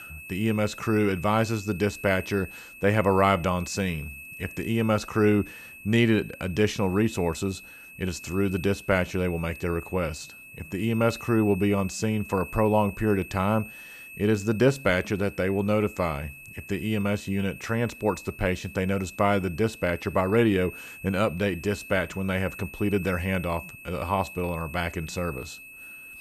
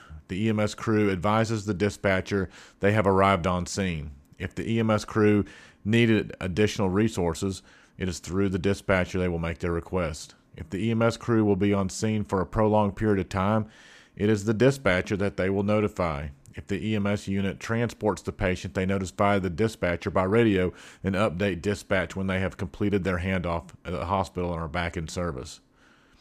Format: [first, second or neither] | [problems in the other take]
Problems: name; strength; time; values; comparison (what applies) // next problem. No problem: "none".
second | high-pitched whine; noticeable; throughout; 2.5 kHz, 15 dB below the speech